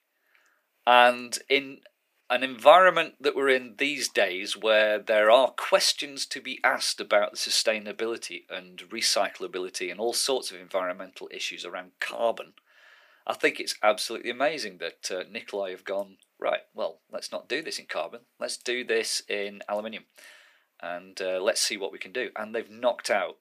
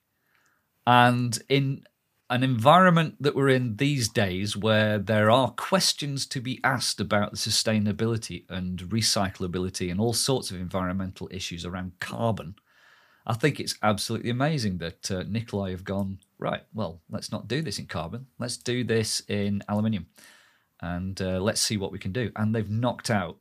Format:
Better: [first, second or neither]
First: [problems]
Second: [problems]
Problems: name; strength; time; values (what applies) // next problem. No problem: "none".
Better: second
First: thin; very; fading below 350 Hz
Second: none